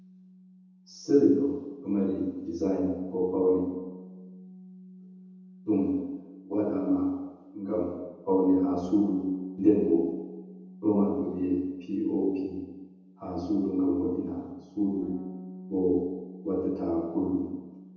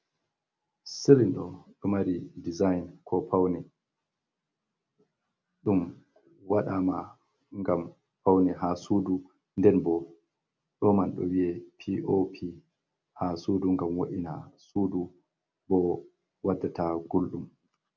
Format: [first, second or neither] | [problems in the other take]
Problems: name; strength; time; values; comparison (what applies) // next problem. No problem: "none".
second | background sound (Bass guitar); 17 dB below the speech // room echo; dies away in 1.1 s